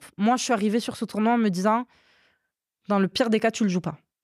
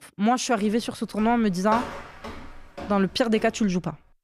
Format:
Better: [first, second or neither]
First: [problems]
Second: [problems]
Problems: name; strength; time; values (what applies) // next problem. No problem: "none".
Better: first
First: none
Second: footsteps; noticeable; from 0.5 s on; peak 8 dB below the speech